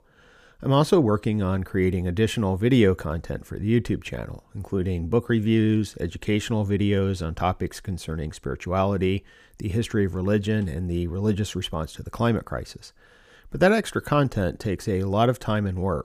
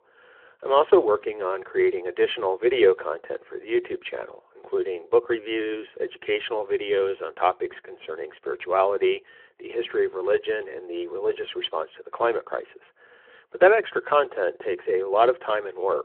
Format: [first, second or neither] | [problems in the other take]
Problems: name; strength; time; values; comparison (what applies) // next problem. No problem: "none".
first | phone-call audio